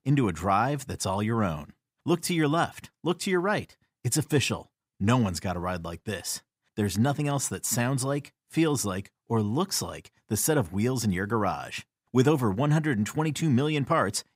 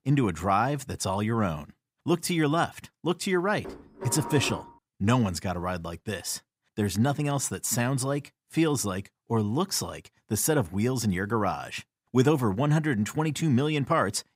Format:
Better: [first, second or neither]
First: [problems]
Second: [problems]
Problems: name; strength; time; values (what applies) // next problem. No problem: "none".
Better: first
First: none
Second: clattering dishes; noticeable; from 3.5 to 4.5 s; peak 8 dB below the speech